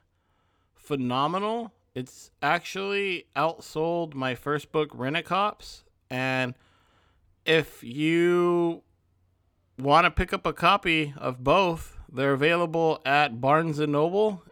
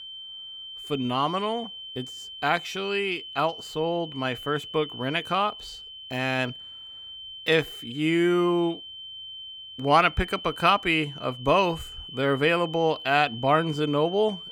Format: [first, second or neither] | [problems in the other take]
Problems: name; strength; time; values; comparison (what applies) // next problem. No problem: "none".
first | high-pitched whine; noticeable; throughout; 3 kHz, 15 dB below the speech